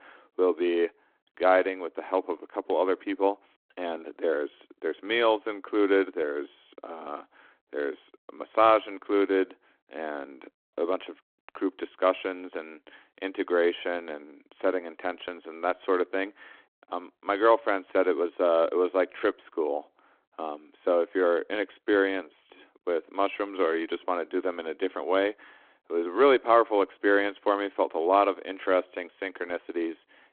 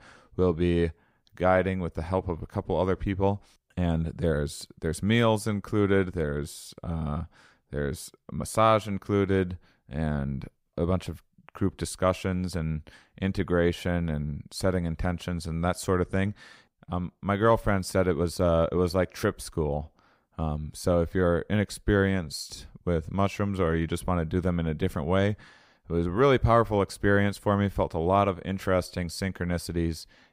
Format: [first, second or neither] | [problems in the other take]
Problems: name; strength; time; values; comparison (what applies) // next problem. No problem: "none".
second | phone-call audio